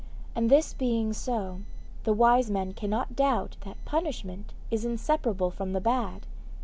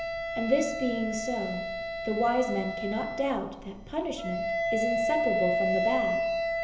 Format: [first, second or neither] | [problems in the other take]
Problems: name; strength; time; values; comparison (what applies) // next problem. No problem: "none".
first | background sound (Wind instrument, woodwind instrument); as loud as the speech // room echo; dies away in 0.8 s